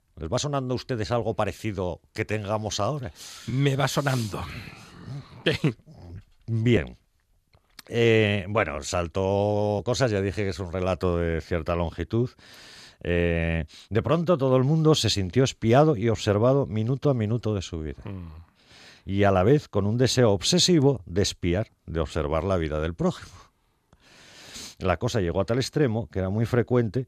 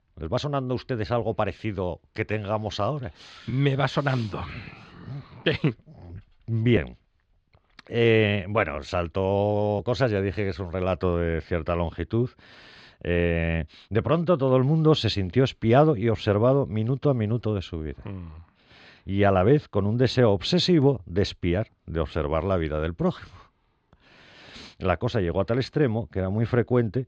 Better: first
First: none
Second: muffled; very slightly; fading above 4 kHz

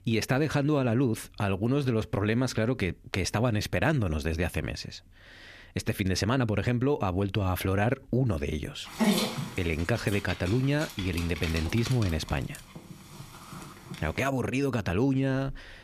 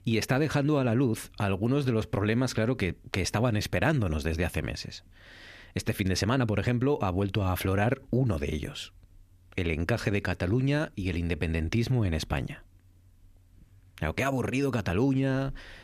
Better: second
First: dog barking; loud; from 9 to 14 s; peak 3 dB above the speech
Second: none

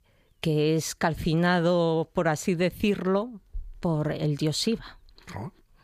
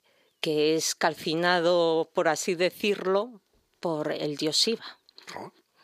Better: first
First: none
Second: thin; somewhat; fading below 350 Hz

